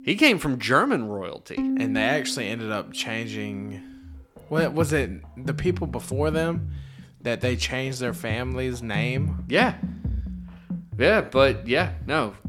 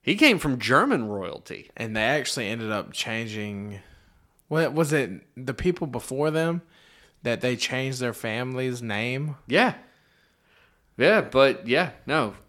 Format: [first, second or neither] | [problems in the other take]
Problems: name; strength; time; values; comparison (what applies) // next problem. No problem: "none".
second | background music; loud; throughout; 8 dB below the speech